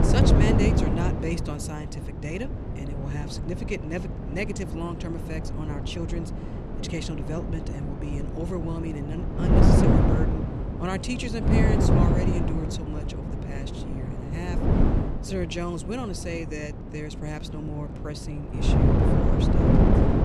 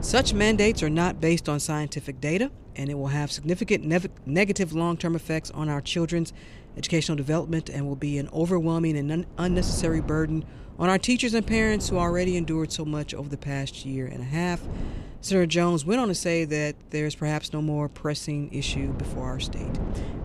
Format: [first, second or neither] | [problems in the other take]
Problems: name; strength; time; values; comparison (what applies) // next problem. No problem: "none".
second | wind noise on the microphone; heavy; 3 dB above the speech; occasional gusts in the second